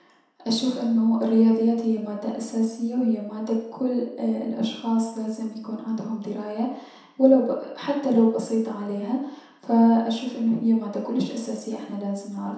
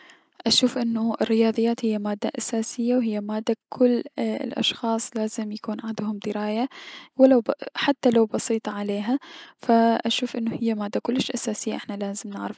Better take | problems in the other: second | room echo; dies away in 0.7 s

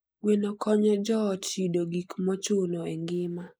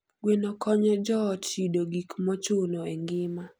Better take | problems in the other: second | noise reduction (neural mask model Resemble Enhance denoiser)

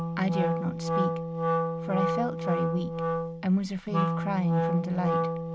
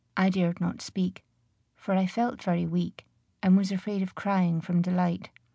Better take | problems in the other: second | background sound (Wind instrument, woodwind instrument); 2 dB above the speech

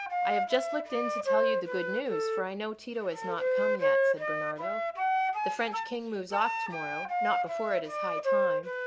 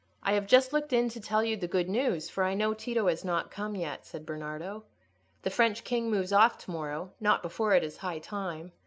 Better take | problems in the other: second | background sound (Wind instrument, woodwind instrument); 5 dB above the speech

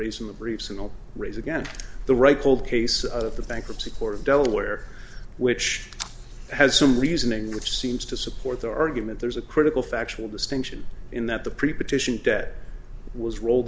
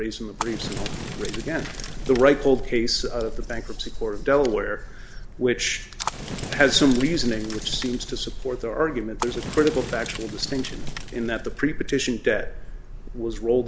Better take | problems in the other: first | background sound (Fire); 11 dB below the speech

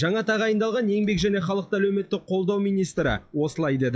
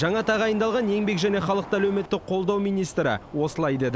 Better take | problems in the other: second | noise reduction (classical method WPE with log-MMSE)

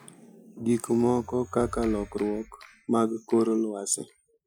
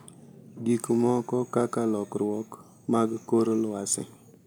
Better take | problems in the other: second | noise reduction (classical method Wiener filter)

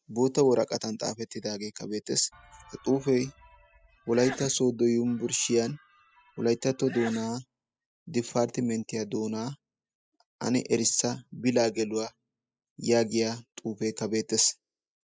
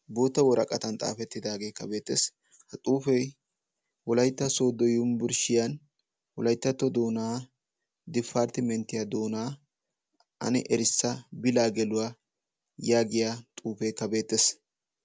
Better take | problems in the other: second | noise reduction (classical method spectral subtraction)

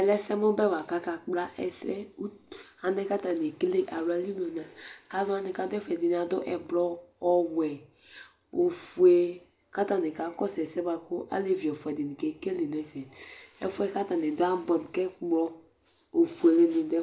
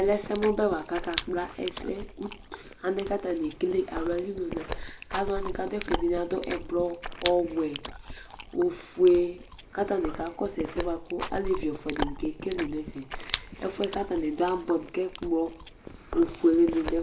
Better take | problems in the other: first | background sound (Chewing, mastication); 9 dB below the speech

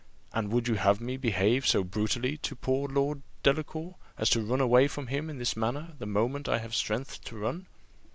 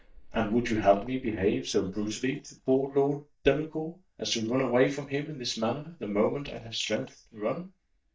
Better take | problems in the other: first | noise reduction (neural mask model DeepFilterNet 3)

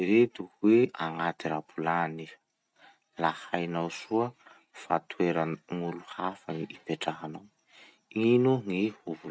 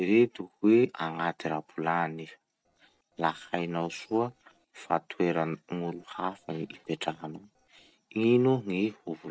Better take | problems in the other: first | noise reduction (neural separator model SepFormer DNS4)

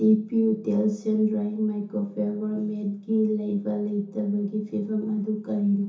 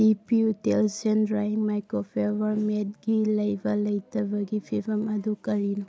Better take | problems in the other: second | room echo; dies away in 0.7 s

